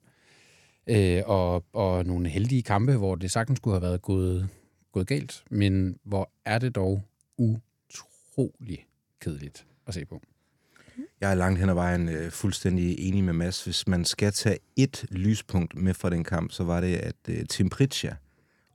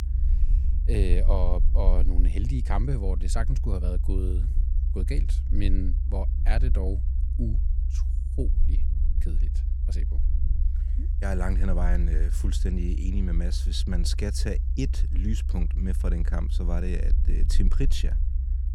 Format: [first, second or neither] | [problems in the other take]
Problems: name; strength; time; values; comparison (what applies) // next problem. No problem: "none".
first | low rumble; noticeable; throughout; 10 dB below the speech